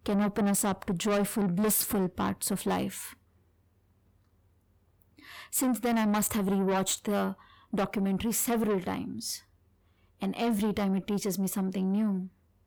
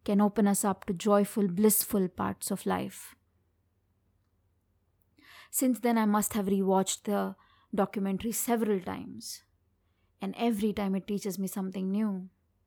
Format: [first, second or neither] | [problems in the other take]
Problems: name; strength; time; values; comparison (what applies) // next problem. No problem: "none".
second | distortion; heavy; 7 dB below the speech